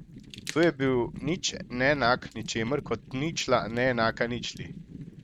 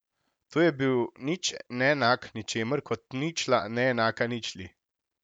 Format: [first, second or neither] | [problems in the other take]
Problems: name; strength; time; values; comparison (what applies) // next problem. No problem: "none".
second | noise reduction (neural mask model RNNoise)